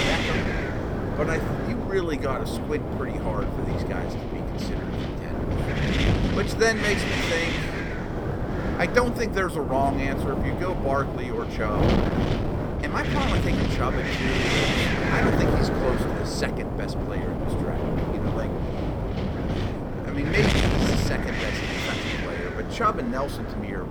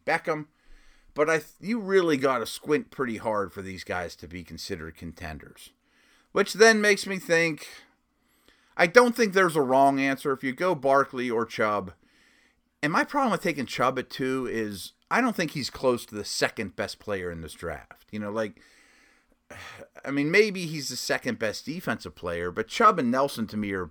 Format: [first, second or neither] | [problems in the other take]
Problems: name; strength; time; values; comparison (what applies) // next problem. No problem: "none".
second | wind noise on the microphone; heavy; as loud as the speech